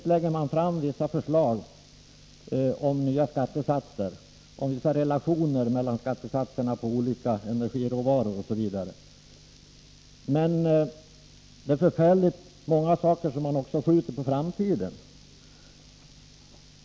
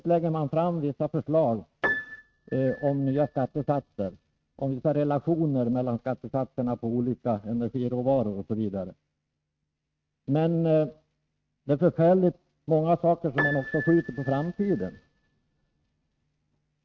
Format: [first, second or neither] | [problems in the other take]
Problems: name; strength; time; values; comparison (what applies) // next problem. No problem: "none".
first | noise reduction (neural mask model RNNoise)